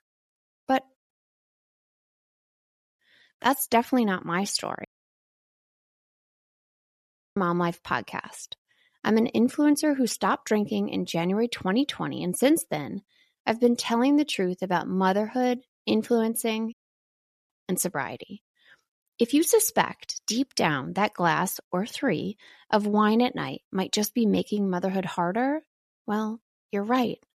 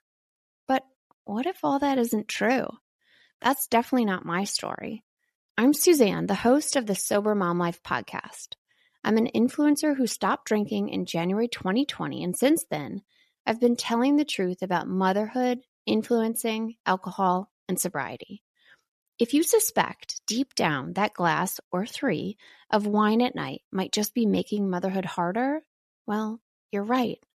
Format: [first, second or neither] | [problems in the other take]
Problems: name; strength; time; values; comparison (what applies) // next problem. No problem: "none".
second | audio cutting out; at 1 s for 2 s, at 5 s for 2.5 s and at 17 s for 1 s